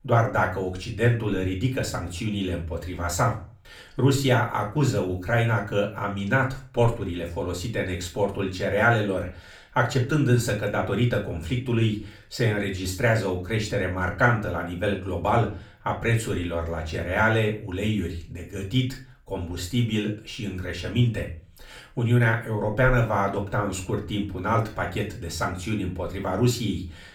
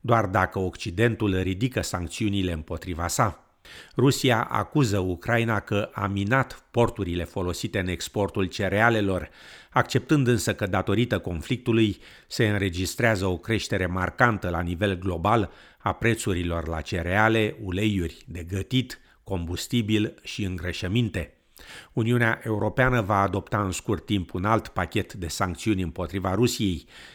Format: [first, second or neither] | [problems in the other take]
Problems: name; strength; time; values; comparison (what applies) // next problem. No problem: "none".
second | off-mic speech; far // room echo; very slight; dies away in 0.3 s